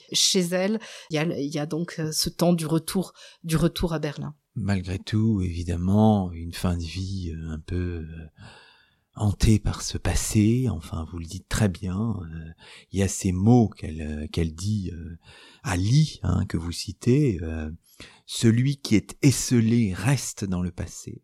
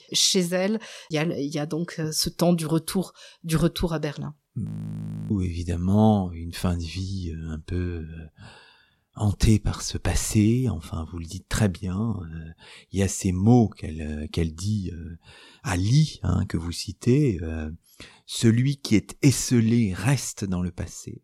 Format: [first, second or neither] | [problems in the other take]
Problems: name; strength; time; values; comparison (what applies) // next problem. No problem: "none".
first | audio freezing; at 4.5 s for 0.5 s